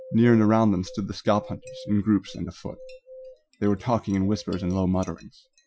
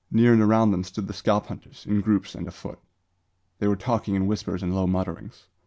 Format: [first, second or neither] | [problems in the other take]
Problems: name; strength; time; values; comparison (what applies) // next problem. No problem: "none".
second | noise reduction (classical method Wiener filter)